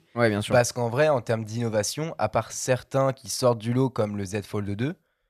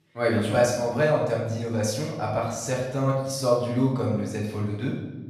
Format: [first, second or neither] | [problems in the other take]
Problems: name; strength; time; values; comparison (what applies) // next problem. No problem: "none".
first | off-mic speech; far // room echo; noticeable; dies away in 1 s